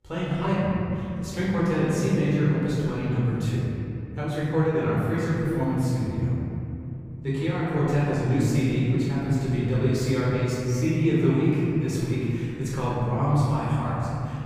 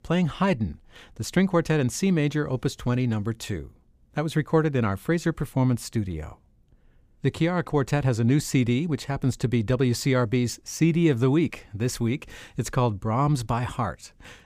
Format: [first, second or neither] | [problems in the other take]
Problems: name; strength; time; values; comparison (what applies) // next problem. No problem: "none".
second | off-mic speech; far // room echo; strong; dies away in 3 s